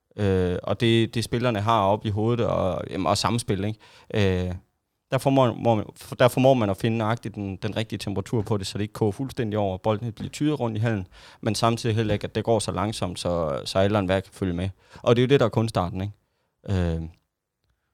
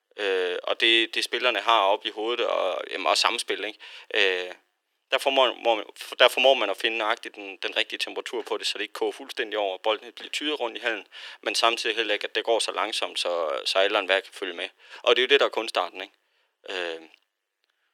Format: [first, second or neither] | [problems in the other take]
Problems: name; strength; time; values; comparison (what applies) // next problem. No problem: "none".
first | thin; very; fading below 350 Hz